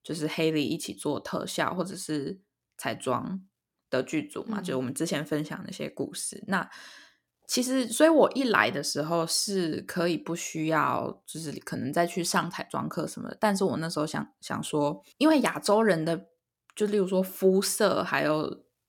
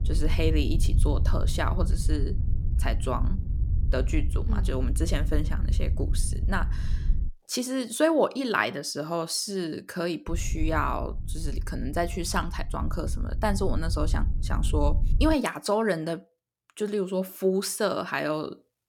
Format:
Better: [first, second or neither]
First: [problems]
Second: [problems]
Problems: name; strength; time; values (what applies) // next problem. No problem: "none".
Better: first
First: none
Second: wind noise on the microphone; occasional gusts; until 7.5 s and from 10 to 15 s; 15 dB below the speech